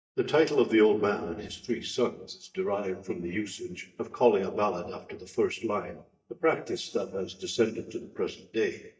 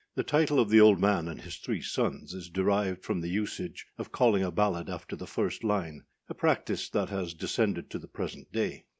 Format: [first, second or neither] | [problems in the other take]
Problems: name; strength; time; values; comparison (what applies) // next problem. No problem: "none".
second | noise reduction (neural mask model DeepFilterNet 3)